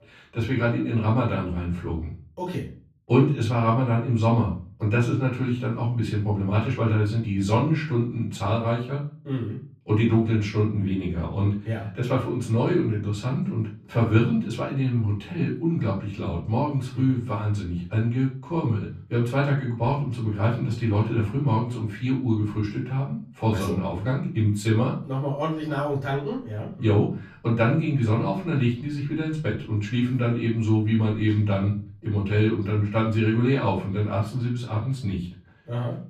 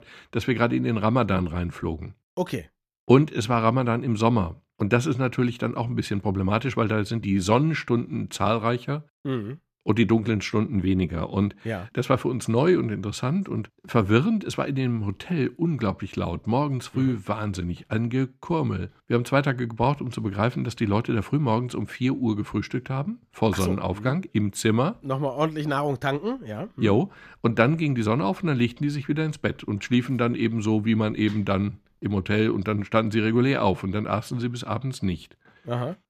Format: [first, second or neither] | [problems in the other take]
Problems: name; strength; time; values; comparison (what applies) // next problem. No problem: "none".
second | room echo; slight; dies away in 0.4 s // off-mic speech; far